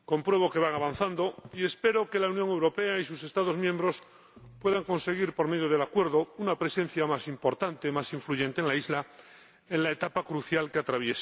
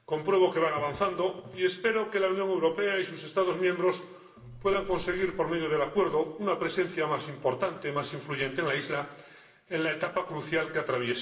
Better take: first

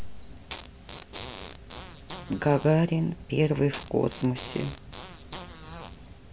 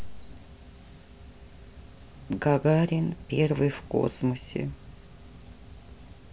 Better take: second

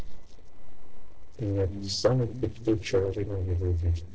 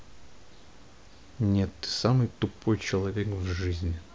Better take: second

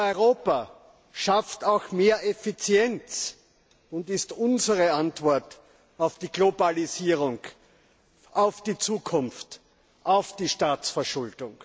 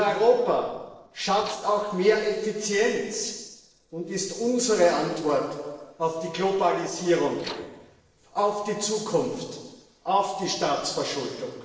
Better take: first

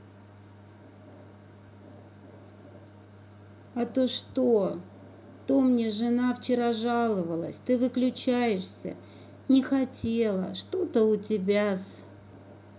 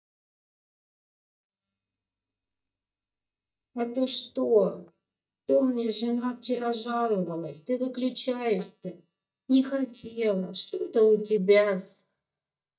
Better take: first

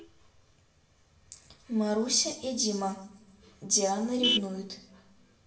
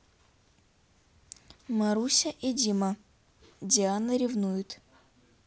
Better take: second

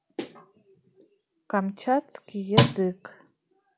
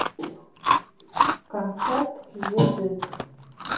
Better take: first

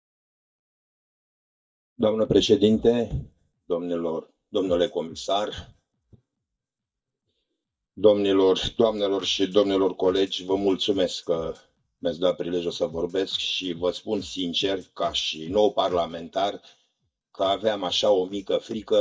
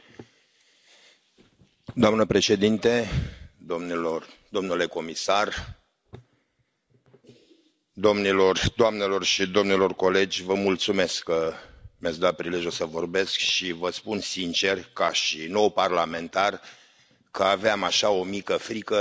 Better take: second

